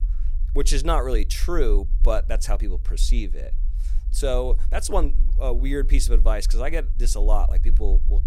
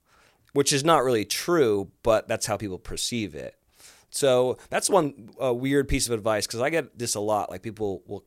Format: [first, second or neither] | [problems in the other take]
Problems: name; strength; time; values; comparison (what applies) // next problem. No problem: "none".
second | low rumble; faint; throughout; 20 dB below the speech